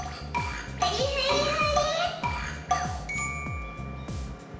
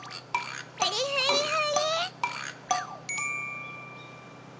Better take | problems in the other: second | background sound (Bass guitar); 7 dB below the speech // room echo; dies away in 0.8 s

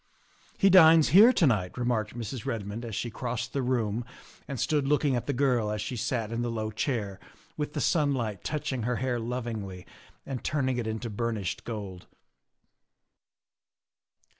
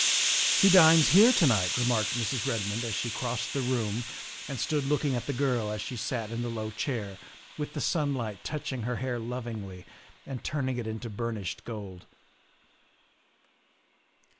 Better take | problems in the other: first | background sound (Hiss); 5 dB below the speech

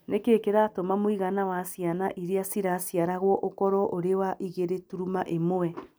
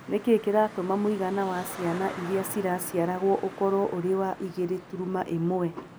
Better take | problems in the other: first | background sound (Traffic noise, roadway noise); 15 dB below the speech

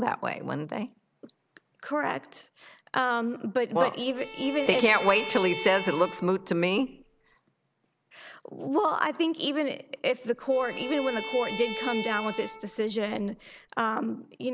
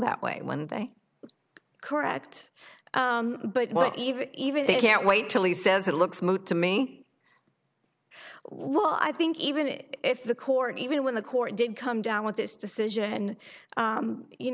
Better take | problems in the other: second | background sound (Bowed string instrument); 10 dB below the speech

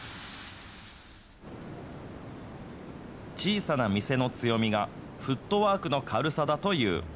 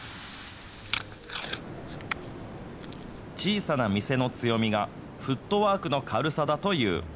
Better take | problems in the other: first | background sound (Packing tape, duct tape); 10 dB below the speech

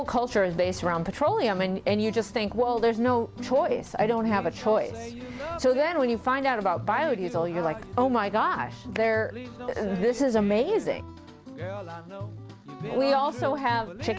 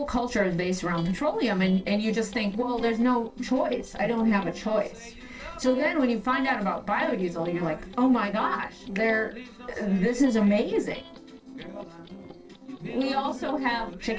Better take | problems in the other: first | noise reduction (neural separator model SepFormer DNS4)

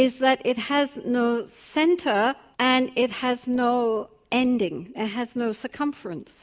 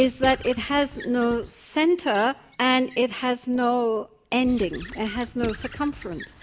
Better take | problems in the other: first | background sound (Squeak / Writing); 17 dB below the speech

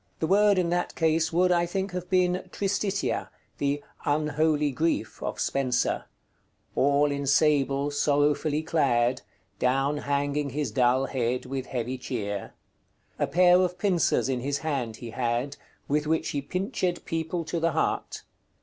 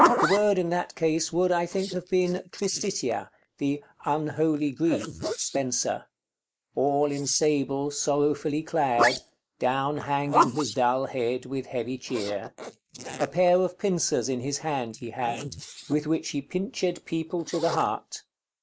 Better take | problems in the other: first | noise reduction (neural mask model Resemble Enhance denoiser)

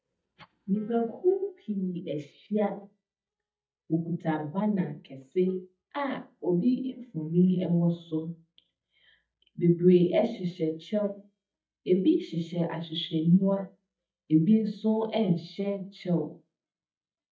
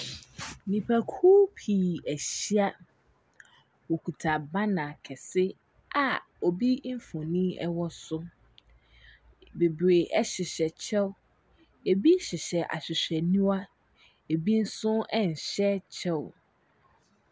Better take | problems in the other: second | noise reduction (neural mask model DeepFilterNet 3)

